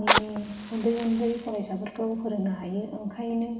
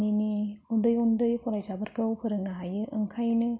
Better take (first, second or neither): second